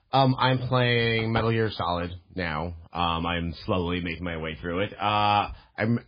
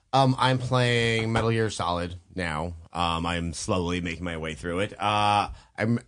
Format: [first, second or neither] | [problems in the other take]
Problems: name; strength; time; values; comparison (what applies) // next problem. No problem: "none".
second | garbled, watery; badly; nothing above 4.5 kHz; slightly in the second